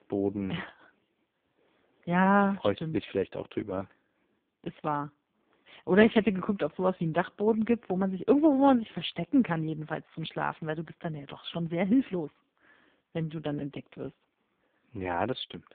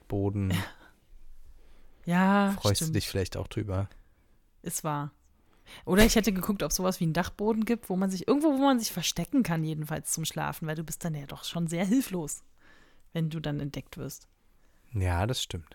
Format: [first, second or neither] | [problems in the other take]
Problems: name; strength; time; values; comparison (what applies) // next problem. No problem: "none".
second | phone-call audio; poor line; nothing above 3.5 kHz